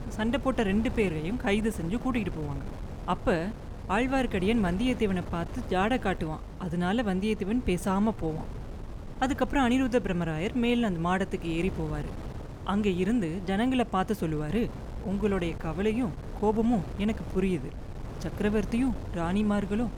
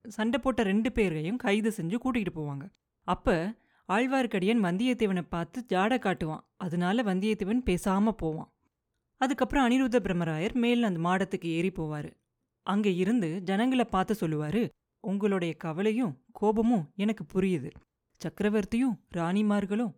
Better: second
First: wind noise on the microphone; occasional gusts; 15 dB below the speech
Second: none

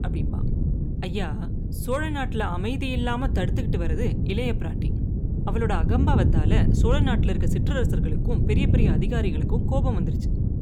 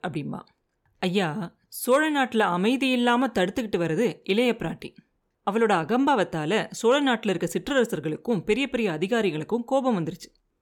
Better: second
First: wind noise on the microphone; heavy; 5 dB below the speech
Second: none

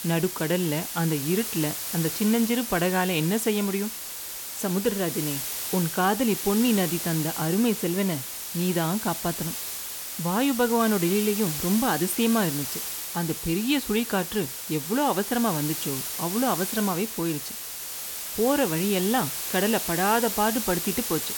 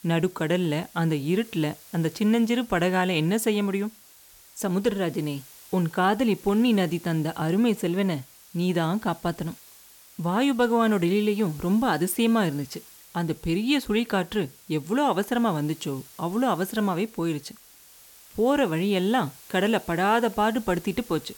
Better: second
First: hiss; loud; throughout; 4 dB below the speech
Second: hiss; faint; throughout; 20 dB below the speech

